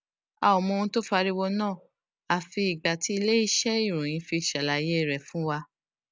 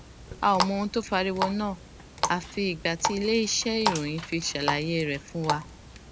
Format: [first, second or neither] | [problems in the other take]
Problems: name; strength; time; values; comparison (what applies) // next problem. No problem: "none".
first | background sound (Water tap, faucet); 5 dB below the speech